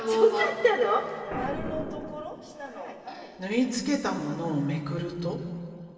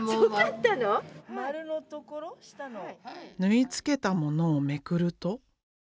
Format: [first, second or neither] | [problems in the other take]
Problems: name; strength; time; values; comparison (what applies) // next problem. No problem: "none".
second | background sound (Boom); 14 dB below the speech // room echo; dies away in 2.6 s